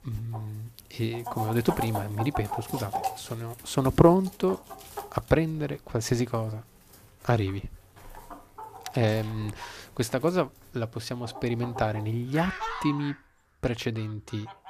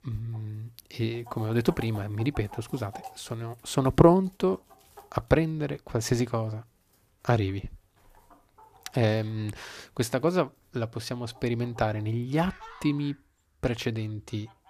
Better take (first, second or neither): second